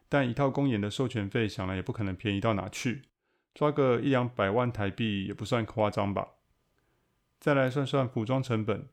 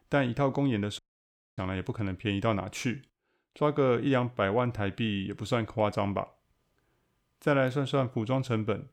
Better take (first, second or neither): first